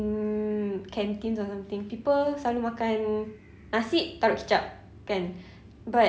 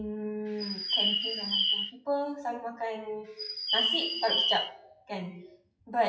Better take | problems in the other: first | noise reduction (classical method WPE with log-MMSE)

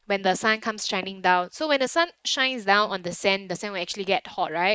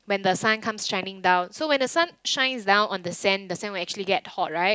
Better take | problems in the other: second | noise reduction (neural mask model Resemble Enhance denoiser)

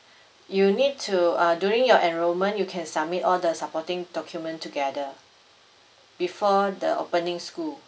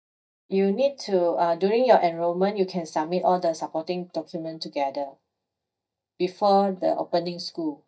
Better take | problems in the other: first | noise reduction (neural mask model DeepFilterNet 3)

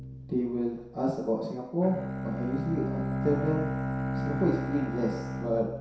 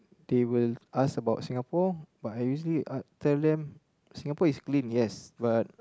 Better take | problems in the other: second | background sound (Bowed string instrument); 3 dB below the speech // room echo; dies away in 0.7 s

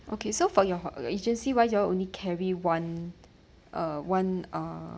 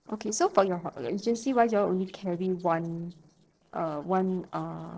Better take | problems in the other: first | noise reduction (neural separator model SepFormer DNS4)

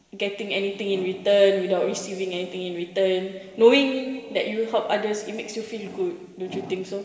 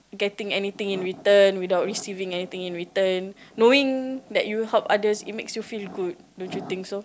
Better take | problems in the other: second | room echo; dies away in 1.9 s

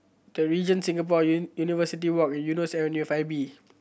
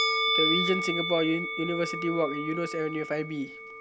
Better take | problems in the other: first | background sound (Musical instrument); 1 dB below the speech

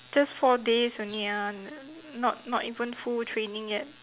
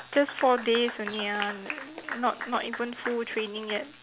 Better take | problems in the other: first | background sound (Applause / Clapping); 10 dB below the speech

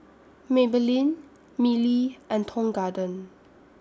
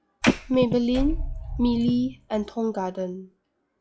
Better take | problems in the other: first | noise reduction (classical method log-MMSE)

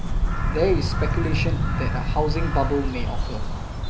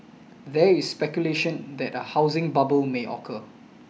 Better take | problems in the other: second | background sound (Bird vocalization, bird call, bird song); 4 dB above the speech

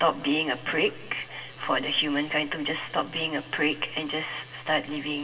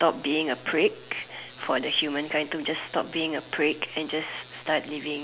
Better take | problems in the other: second | room echo; dies away in 2.2 s

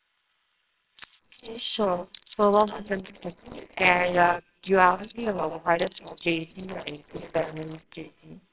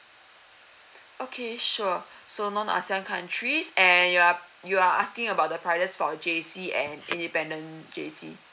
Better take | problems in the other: second | noise reduction (neural separator model SepFormer WHAMR!)

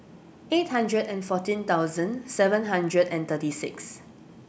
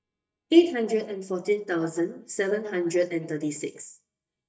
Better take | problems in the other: first | noise reduction (neural mask model DeepFilterNet 3)

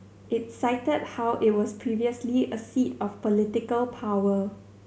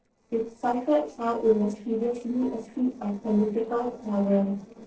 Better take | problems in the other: first | noise reduction (neural separator model SepFormer DNS4)

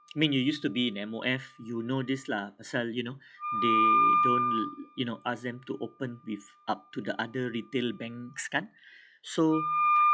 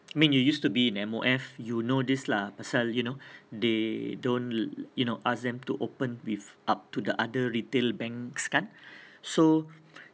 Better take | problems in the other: second | noise reduction (classical method log-MMSE)

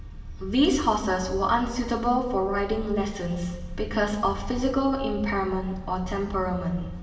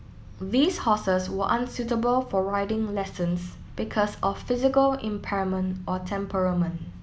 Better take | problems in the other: second | room echo; dies away in 1.1 s

